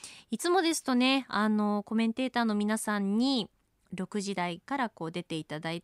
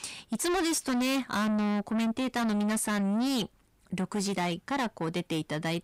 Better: first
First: none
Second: distortion; heavy; 6 dB below the speech

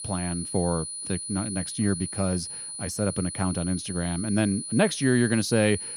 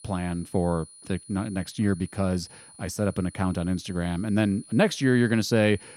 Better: second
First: high-pitched whine; loud; throughout; 9.5 kHz, 6 dB below the speech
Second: high-pitched whine; faint; throughout; 9.5 kHz, 20 dB below the speech

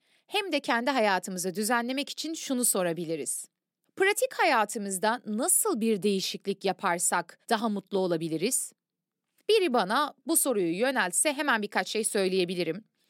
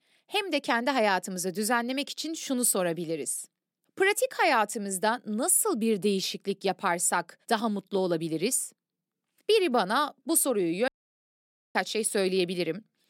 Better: first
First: none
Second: audio cutting out; at 11 s for 1 s

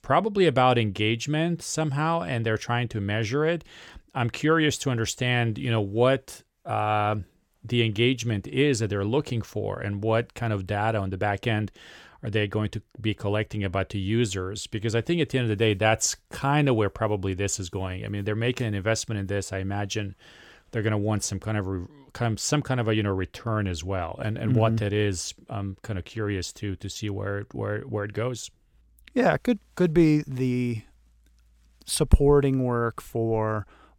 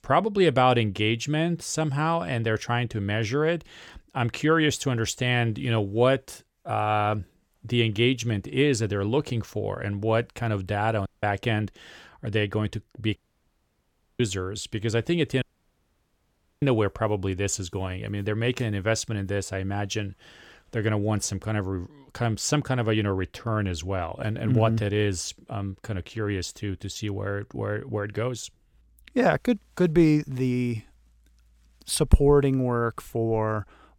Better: first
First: none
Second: audio cutting out; at 11 s, at 13 s for 1 s and at 15 s for 1 s

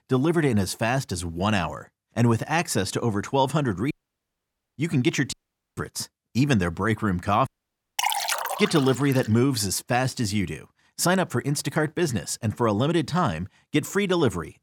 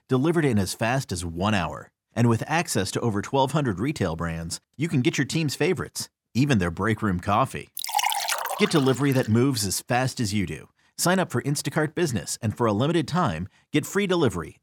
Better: second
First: audio cutting out; at 4 s for 1 s, at 5.5 s and at 7.5 s for 0.5 s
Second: none

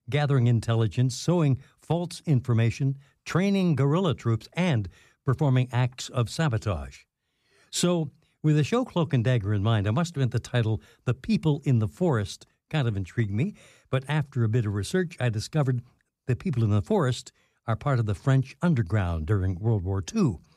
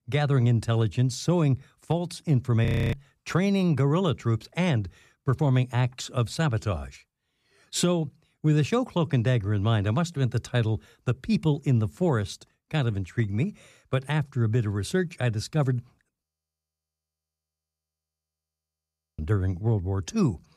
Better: first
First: none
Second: audio freezing; at 2.5 s and at 16 s for 3 s

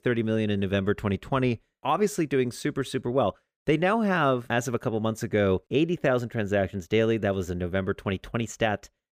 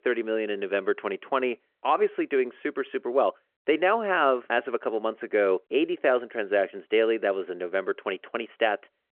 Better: first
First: none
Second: phone-call audio

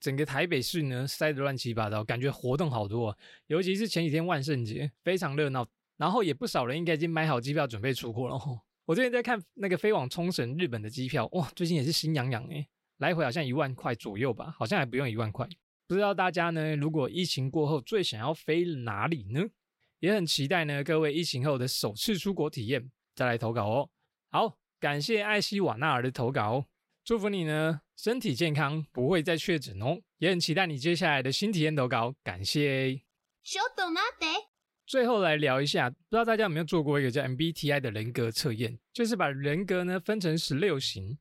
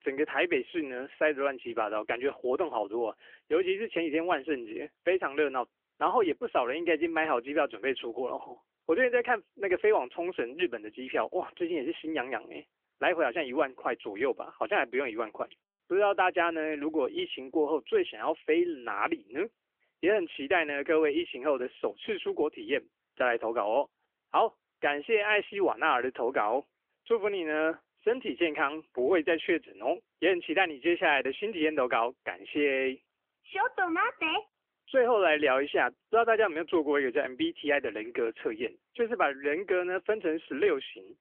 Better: first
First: none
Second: phone-call audio; nothing above 3 kHz

